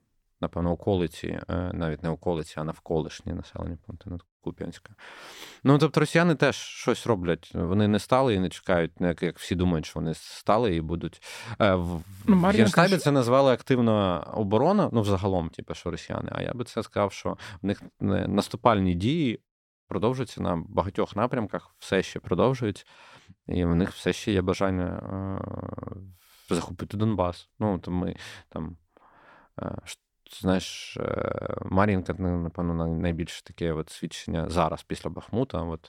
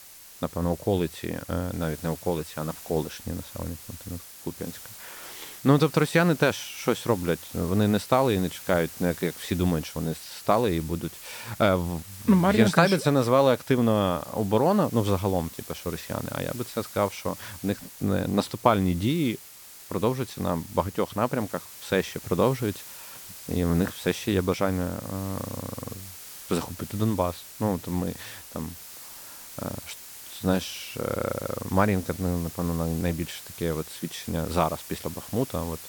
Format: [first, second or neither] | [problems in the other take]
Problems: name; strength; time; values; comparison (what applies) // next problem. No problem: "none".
first | hiss; noticeable; throughout; 15 dB below the speech